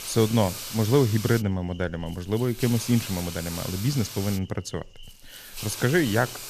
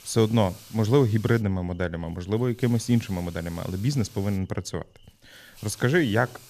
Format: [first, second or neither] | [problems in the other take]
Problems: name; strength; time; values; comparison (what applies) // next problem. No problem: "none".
second | hiss; loud; throughout; 10 dB below the speech; faint in the second